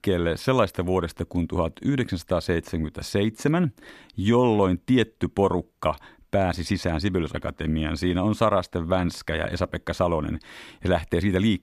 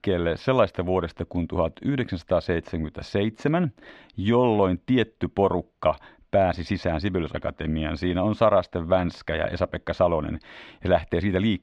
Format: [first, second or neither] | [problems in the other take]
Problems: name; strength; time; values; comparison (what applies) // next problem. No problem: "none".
first | muffled; slightly; fading above 3.5 kHz